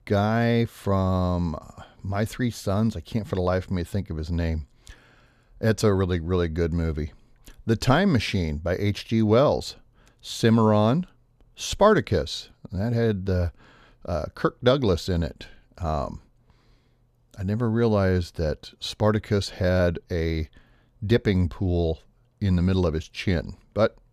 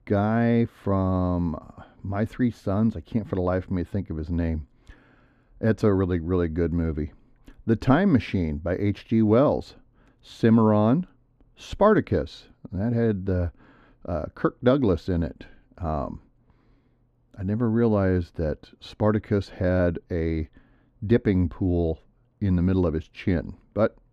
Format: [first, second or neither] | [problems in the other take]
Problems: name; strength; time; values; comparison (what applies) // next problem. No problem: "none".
first | muffled; slightly; fading above 3.5 kHz